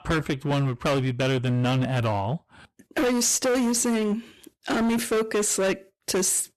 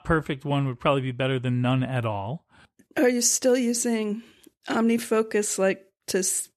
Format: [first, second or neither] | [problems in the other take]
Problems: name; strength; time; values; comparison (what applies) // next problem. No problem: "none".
second | distortion; heavy; 22% of the sound clipped